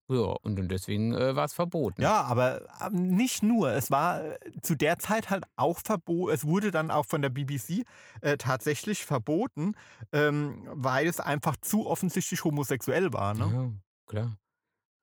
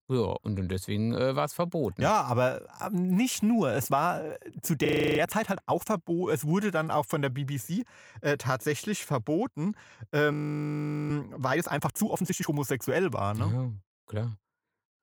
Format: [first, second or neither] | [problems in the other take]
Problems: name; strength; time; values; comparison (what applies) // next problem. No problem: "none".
first | audio freezing; at 5 s and at 10 s for 1 s